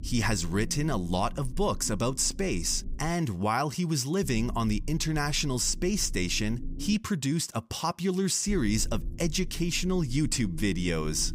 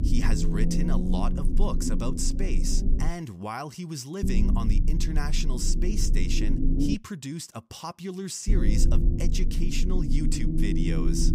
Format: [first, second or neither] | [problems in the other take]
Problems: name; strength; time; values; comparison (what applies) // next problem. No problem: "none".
first | low rumble; loud; until 3 s, from 4 to 7 s and from 8.5 s on; 2 dB below the speech; faint in the first